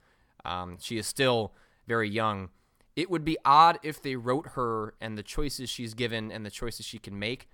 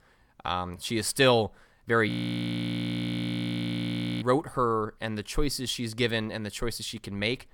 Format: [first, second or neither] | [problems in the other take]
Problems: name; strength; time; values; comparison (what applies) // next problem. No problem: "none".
first | audio freezing; at 2 s for 2 s